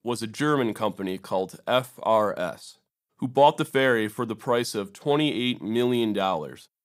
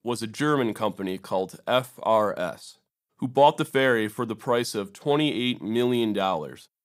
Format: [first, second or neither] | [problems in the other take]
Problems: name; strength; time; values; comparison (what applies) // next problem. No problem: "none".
neither | none